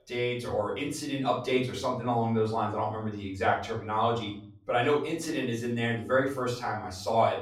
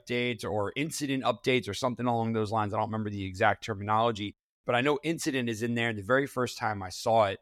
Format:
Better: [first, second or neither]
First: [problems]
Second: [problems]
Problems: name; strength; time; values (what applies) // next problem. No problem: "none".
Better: second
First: off-mic speech; far // room echo; slight; dies away in 0.4 s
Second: none